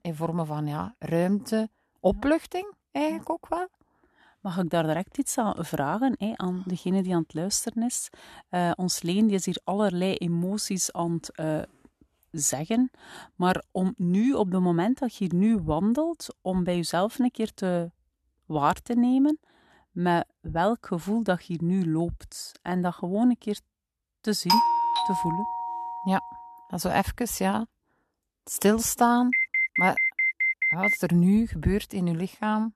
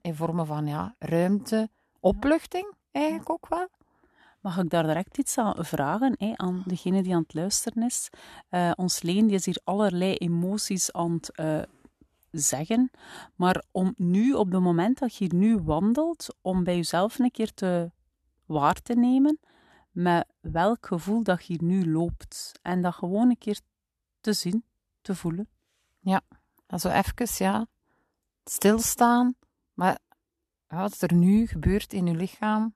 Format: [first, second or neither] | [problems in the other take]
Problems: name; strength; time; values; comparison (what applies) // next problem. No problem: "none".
second | doorbell; loud; from 24 to 26 s; peak 6 dB above the speech // alarm; loud; from 29 to 31 s; peak 4 dB above the speech